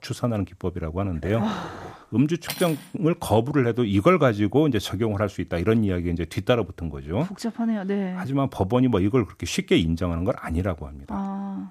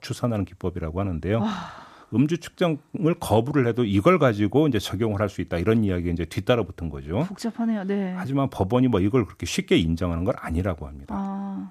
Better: second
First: dog barking; faint; at 1 s; peak 15 dB below the speech // clattering dishes; noticeable; at 2.5 s; peak 8 dB below the speech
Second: none

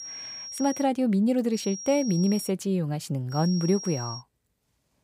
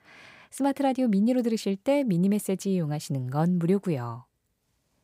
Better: second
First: high-pitched whine; noticeable; at the start, at 1.5 s and at 3.5 s; 5.5 kHz, 10 dB below the speech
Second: none

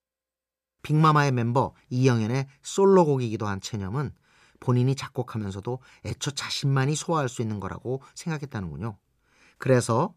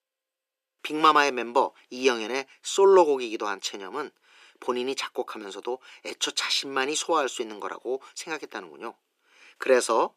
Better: first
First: none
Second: thin; very; fading below 300 Hz

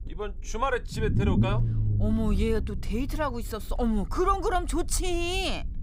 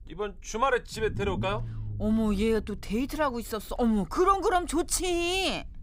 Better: second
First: low rumble; loud; throughout; 10 dB below the speech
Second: low rumble; faint; throughout; 20 dB below the speech

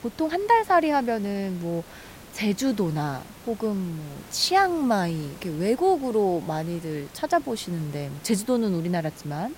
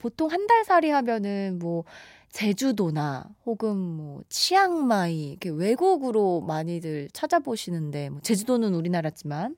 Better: second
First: hiss; noticeable; throughout; 20 dB below the speech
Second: none

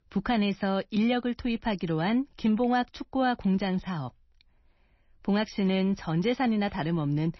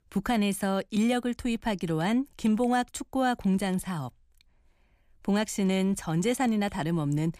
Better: second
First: garbled, watery; slightly; nothing above 6 kHz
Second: none

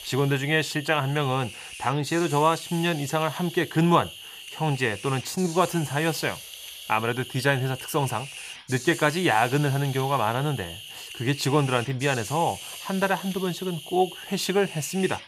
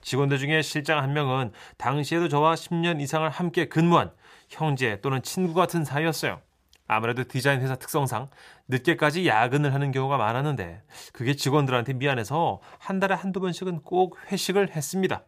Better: second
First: hiss; noticeable; throughout; 10 dB below the speech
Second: none

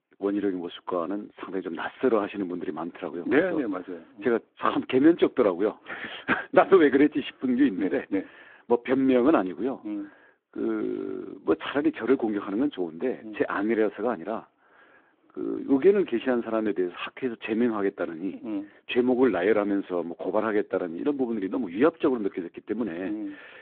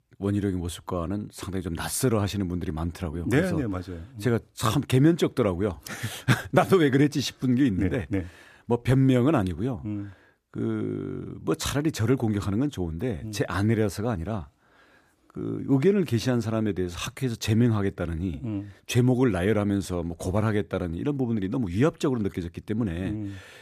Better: second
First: phone-call audio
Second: none

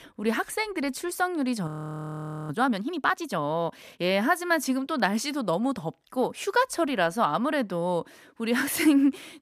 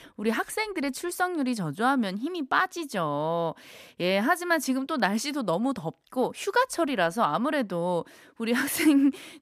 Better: second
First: audio freezing; at 1.5 s for 1 s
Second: none

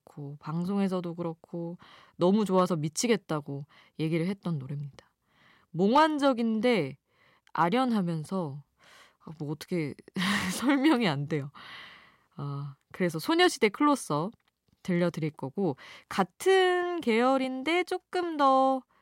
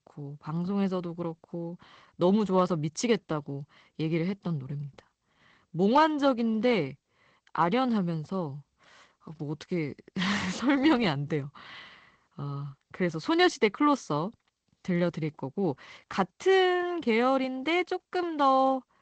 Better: first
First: none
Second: garbled, watery; slightly; nothing above 7.5 kHz

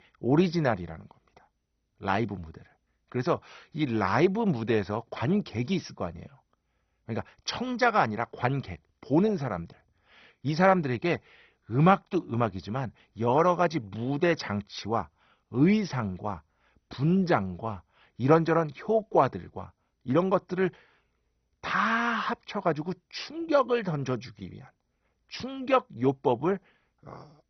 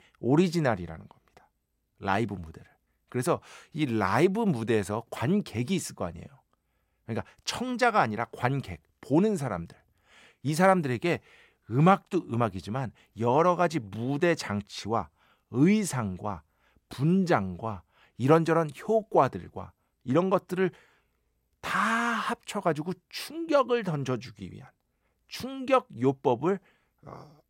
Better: second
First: garbled, watery; badly; nothing above 6 kHz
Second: none

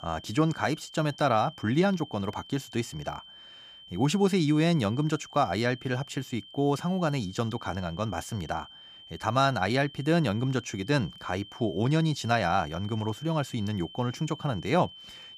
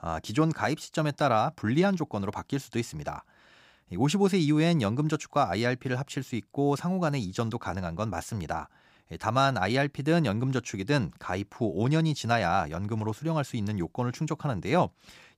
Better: second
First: high-pitched whine; noticeable; throughout; 3 kHz, 20 dB below the speech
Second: none

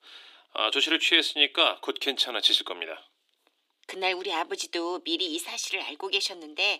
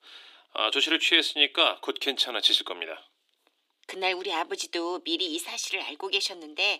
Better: neither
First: thin; very; fading below 300 Hz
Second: thin; very; fading below 300 Hz

